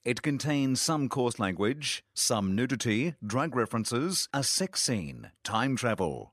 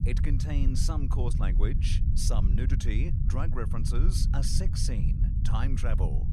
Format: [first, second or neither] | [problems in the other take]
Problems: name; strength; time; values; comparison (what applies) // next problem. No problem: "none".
first | low rumble; loud; throughout; 5 dB below the speech